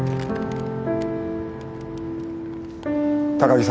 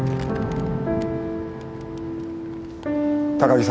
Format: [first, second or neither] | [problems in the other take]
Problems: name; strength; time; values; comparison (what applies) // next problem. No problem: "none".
first | background sound (Thunder / Rain); 10 dB below the speech